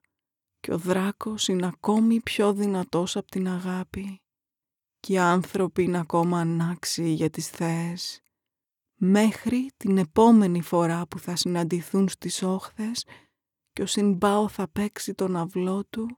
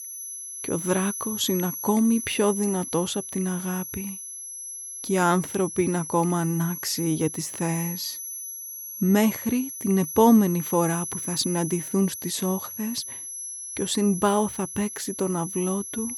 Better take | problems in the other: first | high-pitched whine; loud; throughout; 11.5 kHz, 7 dB below the speech

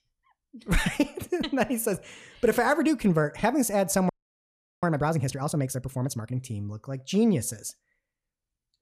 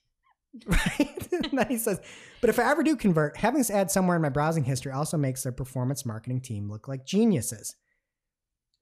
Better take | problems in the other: second | audio freezing; at 4 s for 0.5 s

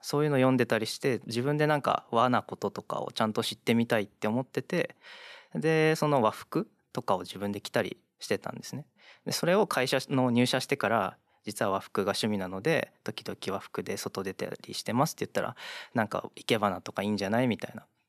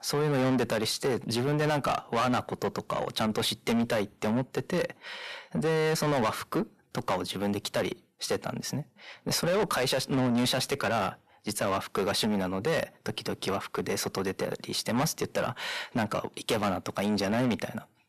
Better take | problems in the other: first | distortion; heavy; 6 dB below the speech

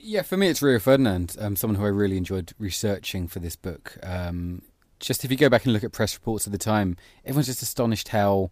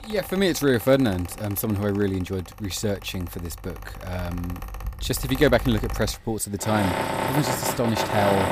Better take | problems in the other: first | machinery noise; loud; throughout; 6 dB below the speech

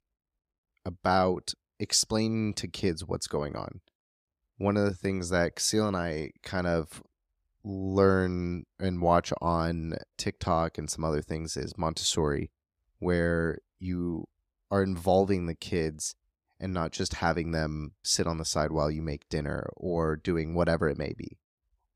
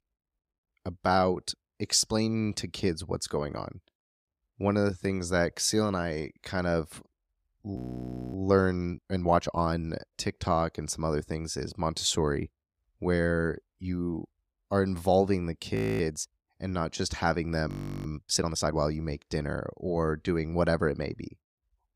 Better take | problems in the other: first | audio freezing; at 8 s for 0.5 s, at 16 s and at 18 s

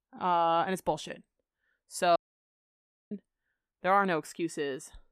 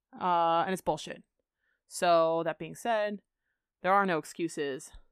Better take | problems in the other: second | audio cutting out; at 2 s for 1 s

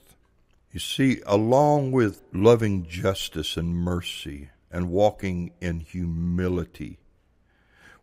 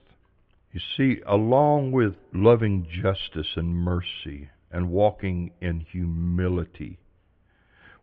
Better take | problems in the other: first | muffled; very slightly; fading above 3 kHz

